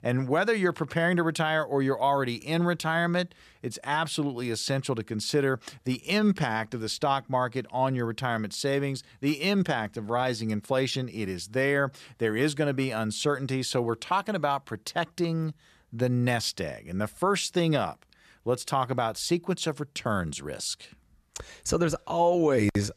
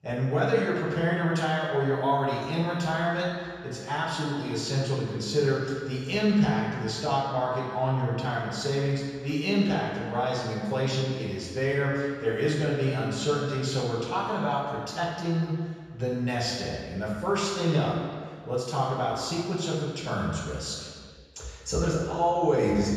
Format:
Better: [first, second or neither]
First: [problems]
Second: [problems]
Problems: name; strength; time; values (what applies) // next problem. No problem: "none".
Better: first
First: none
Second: room echo; strong; dies away in 1.8 s // off-mic speech; far